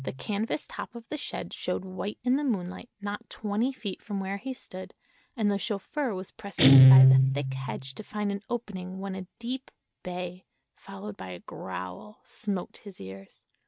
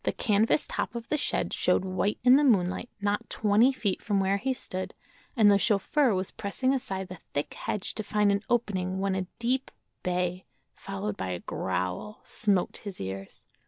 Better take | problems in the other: second | noise reduction (neural mask model RNNoise)

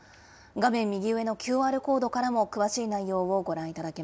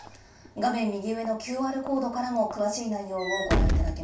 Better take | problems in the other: first | background sound (Walk, footsteps / Slam); 2 dB below the speech // room echo; dies away in 0.3 s

